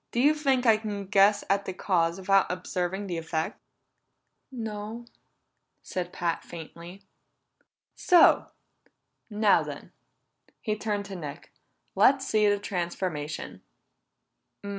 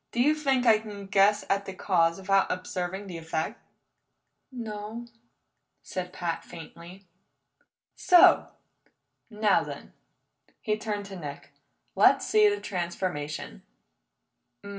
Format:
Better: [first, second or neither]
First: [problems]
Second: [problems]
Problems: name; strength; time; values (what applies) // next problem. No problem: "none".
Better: first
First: none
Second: room echo; dies away in 0.2 s